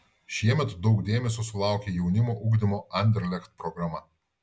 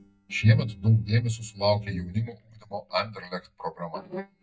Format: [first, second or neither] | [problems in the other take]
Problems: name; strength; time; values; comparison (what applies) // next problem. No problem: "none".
first | noise reduction (neural mask model DeepFilterNet 3)